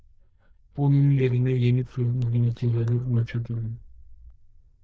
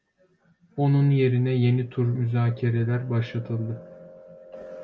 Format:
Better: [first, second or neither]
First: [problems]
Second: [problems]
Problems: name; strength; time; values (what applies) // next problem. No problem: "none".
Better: second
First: noise reduction (neural diffusion model UNIVERSE++)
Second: none